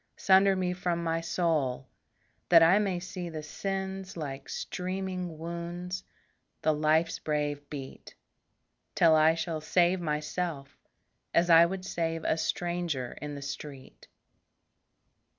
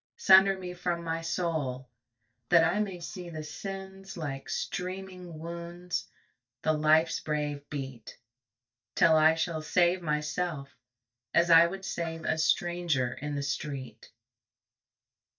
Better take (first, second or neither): first